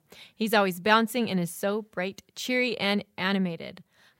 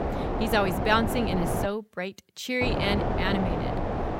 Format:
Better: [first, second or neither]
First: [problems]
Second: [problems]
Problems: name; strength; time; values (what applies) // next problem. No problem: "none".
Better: first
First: none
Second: wind noise on the microphone; heavy; until 1.5 s and from 2.5 s on; 3 dB below the speech